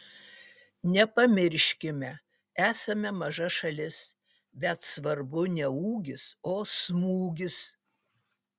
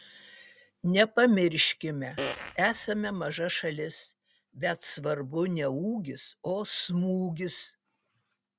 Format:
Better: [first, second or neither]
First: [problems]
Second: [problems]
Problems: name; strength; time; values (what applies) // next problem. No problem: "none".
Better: first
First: none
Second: background sound (Fart); 9 dB below the speech